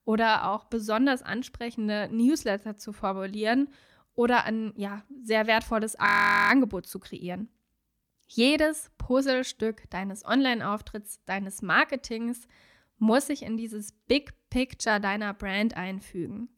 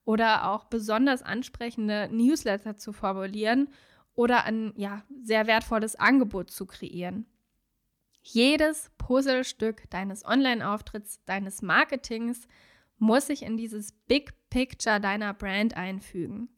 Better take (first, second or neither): second